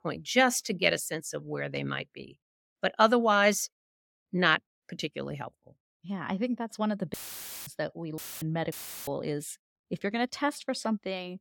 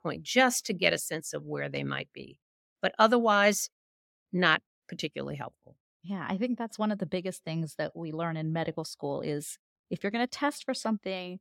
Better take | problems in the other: second | audio cutting out; filled with static; at 7 s for 0.5 s, at 8 s and at 8.5 s

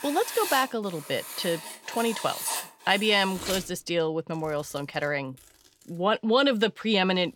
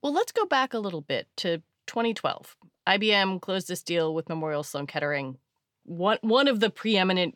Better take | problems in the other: second | household noises; loud; throughout; 8 dB below the speech

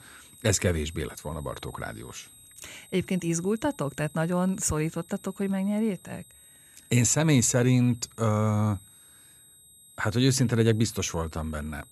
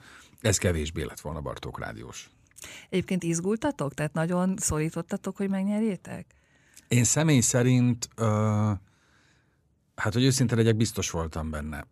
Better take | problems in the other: second | high-pitched whine; faint; throughout; 8 kHz, 25 dB below the speech

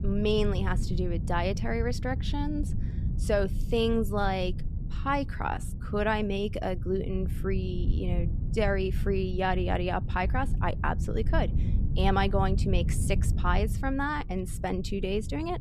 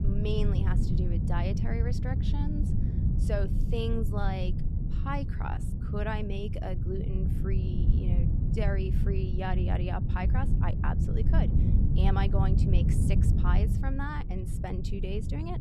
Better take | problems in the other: first | wind noise on the microphone; heavy; 4 dB below the speech; occasional gusts in the first

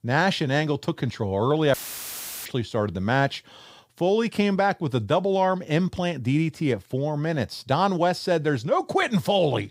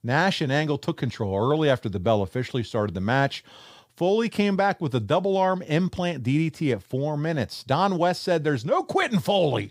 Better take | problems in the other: second | audio cutting out; filled with static; at 1.5 s for 0.5 s

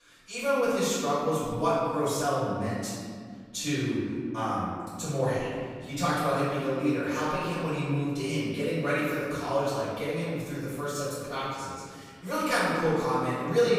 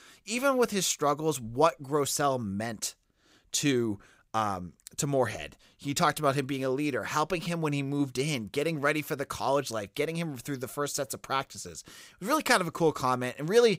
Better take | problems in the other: second | off-mic speech; far // room echo; strong; dies away in 2 s

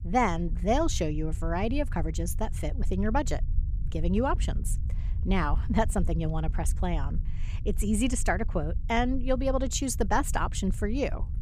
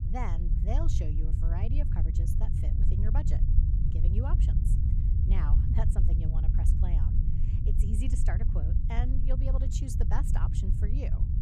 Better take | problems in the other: first | low rumble; loud; throughout; 1 dB below the speech; faint in the first

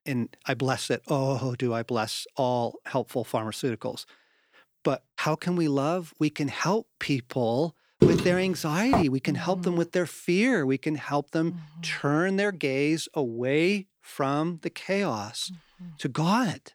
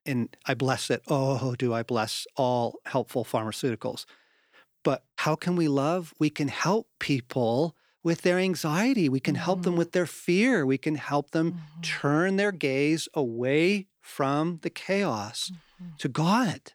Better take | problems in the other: second | footsteps; loud; from 8 to 9 s; peak 5 dB above the speech

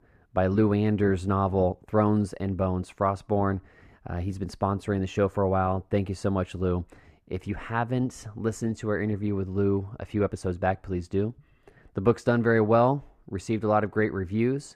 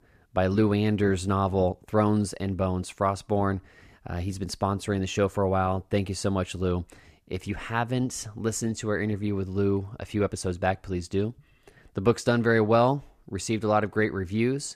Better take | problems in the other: second | muffled; slightly; fading above 2.5 kHz

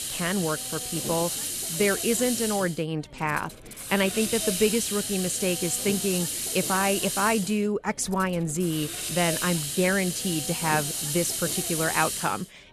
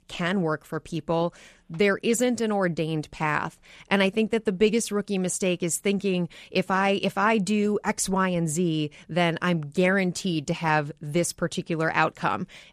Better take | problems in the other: second | hiss; loud; throughout; 2 dB below the speech

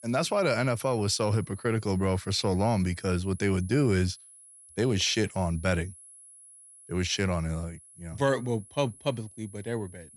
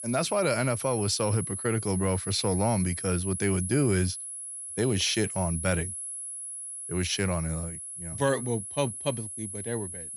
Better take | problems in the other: first | high-pitched whine; loud; throughout; 10.5 kHz, 6 dB below the speech; faint in the first

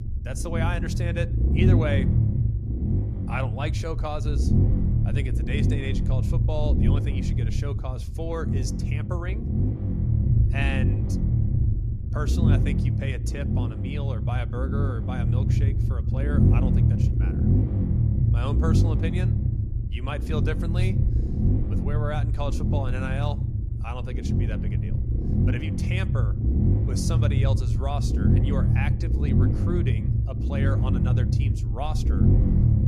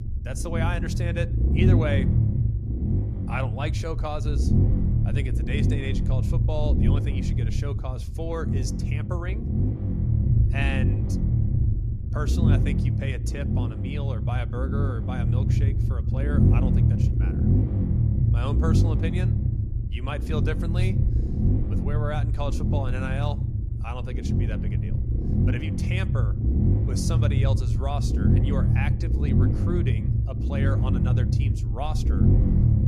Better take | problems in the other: neither | low rumble; loud; throughout; 1 dB below the speech; the same in both

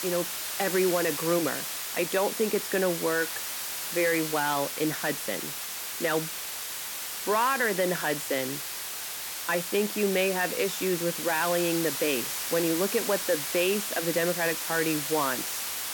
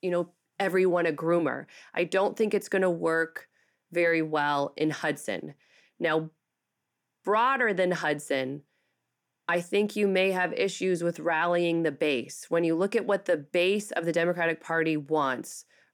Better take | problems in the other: second | hiss; loud; throughout; 3 dB below the speech

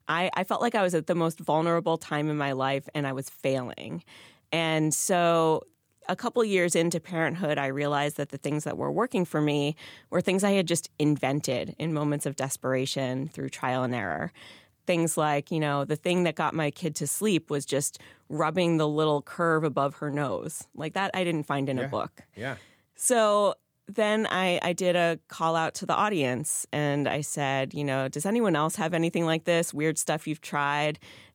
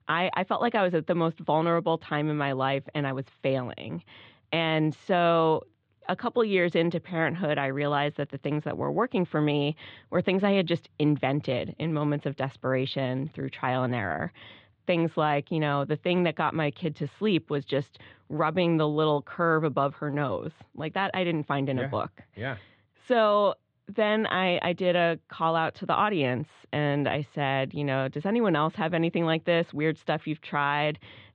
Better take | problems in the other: first | muffled; very; fading above 3.5 kHz

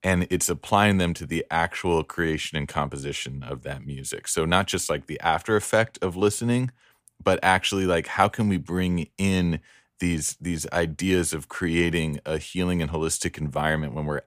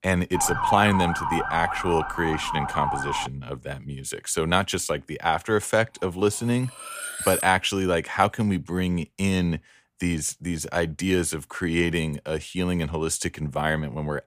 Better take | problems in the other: first | siren; loud; until 3.5 s; peak 1 dB above the speech // clattering dishes; noticeable; from 6.5 to 7.5 s; peak 2 dB below the speech

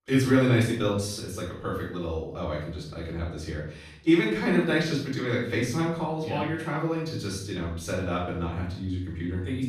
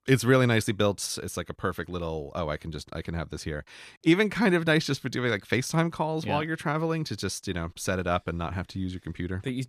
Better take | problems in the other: second | off-mic speech; far // room echo; noticeable; dies away in 0.6 s

